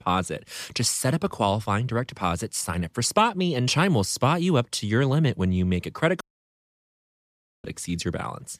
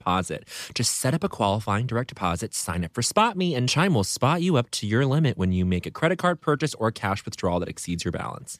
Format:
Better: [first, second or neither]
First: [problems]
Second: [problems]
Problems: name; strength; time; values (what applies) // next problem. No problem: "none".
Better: second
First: audio cutting out; at 6 s for 1.5 s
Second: none